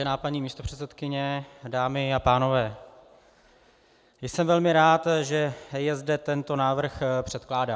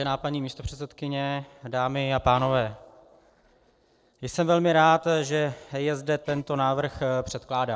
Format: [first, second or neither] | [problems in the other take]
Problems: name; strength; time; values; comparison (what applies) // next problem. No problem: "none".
first | noise reduction (neural separator model SepFormer DNS4)